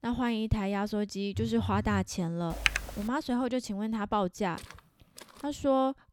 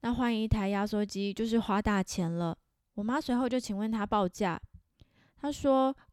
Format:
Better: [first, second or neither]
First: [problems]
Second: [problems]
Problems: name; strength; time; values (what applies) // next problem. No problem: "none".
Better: second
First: phone ringing; noticeable; at 1.5 s; peak 5 dB below the speech // keyboard typing; loud; at 2.5 s; peak 3 dB above the speech // footsteps; faint; at 4.5 s; peak 20 dB below the speech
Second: none